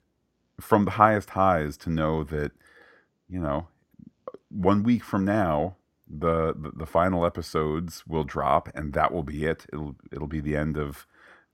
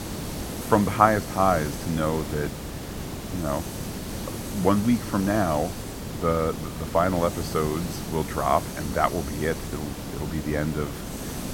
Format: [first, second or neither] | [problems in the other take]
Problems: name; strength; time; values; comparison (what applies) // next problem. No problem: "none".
first | hiss; loud; throughout; 8 dB below the speech